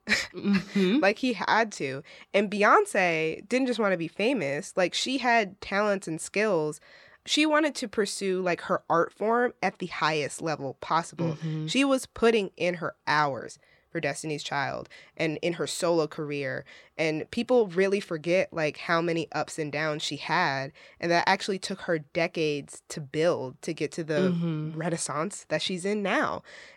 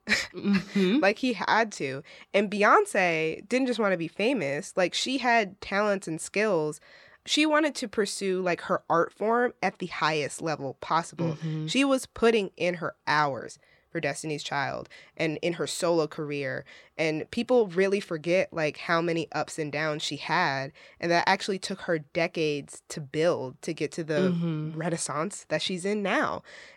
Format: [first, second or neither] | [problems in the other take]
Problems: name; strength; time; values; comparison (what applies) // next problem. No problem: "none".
neither | none